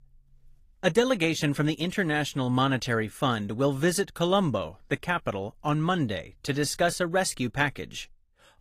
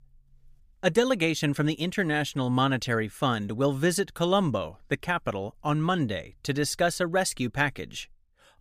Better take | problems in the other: second | garbled, watery; slightly; nothing above 15 kHz

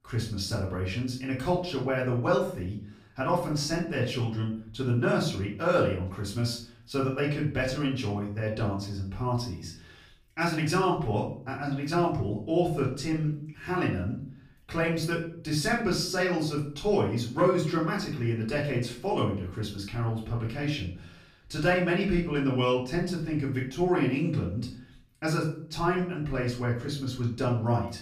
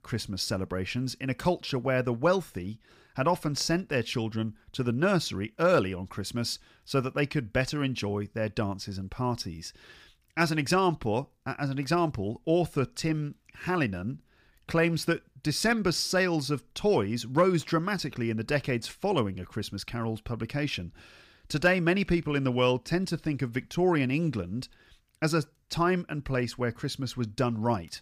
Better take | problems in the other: second | room echo; slight; dies away in 0.4 s // off-mic speech; far

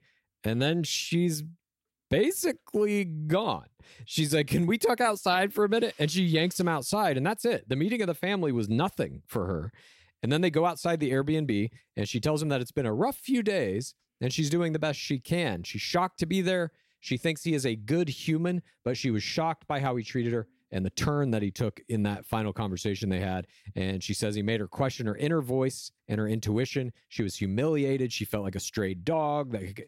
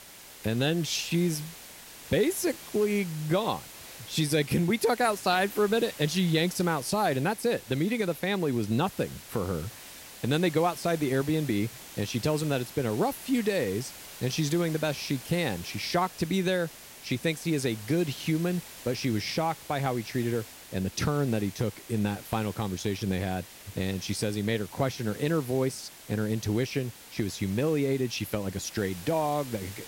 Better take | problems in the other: first | hiss; noticeable; throughout; 15 dB below the speech

